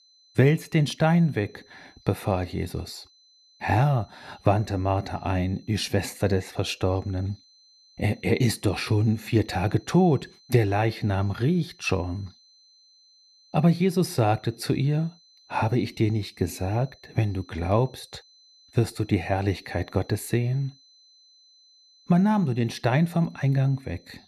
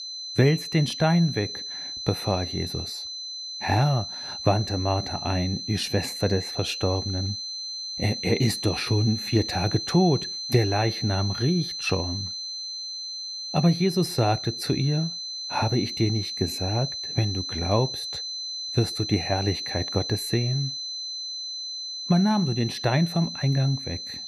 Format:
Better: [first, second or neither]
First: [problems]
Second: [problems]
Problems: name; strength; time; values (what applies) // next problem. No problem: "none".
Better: first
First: high-pitched whine; faint; throughout; 4 kHz, 30 dB below the speech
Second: high-pitched whine; loud; throughout; 4 kHz, 5 dB below the speech